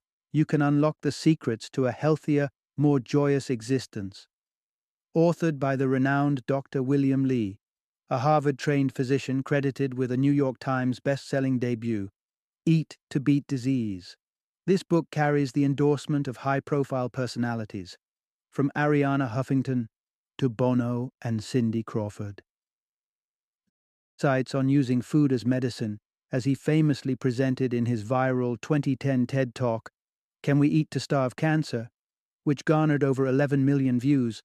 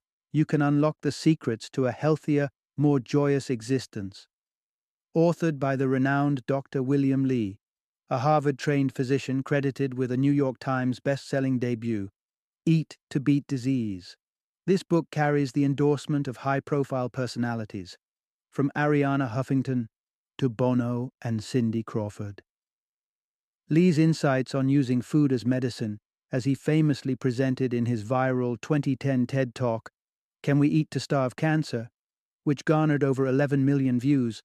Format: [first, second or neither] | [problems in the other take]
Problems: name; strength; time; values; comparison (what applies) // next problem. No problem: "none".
second | audio cutting out; at 24 s